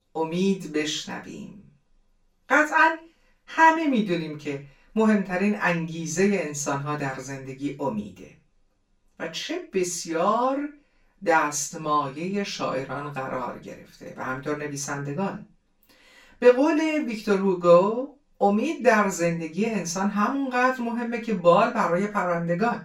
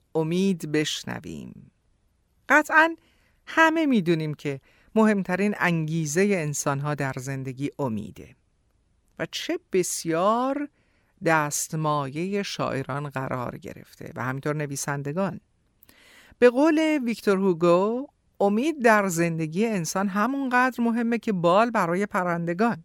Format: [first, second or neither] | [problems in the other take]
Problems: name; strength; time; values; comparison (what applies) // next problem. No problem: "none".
second | room echo; slight; dies away in 0.2 s // off-mic speech; far